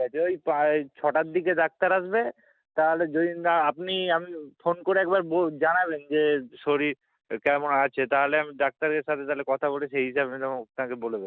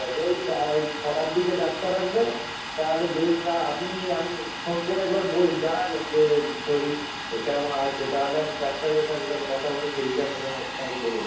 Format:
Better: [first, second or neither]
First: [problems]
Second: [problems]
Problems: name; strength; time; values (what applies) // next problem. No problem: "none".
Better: first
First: none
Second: background sound (Domestic sounds, home sounds); 8 dB below the speech // room echo; dies away in 0.9 s